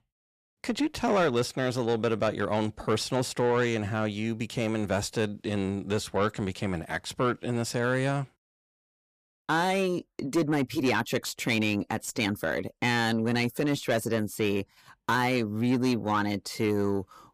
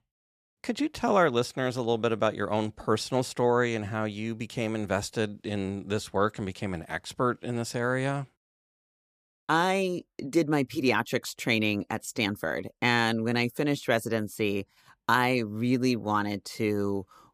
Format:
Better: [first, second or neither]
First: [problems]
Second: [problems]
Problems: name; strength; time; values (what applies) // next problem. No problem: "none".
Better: second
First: distortion; slight; 10 dB below the speech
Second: none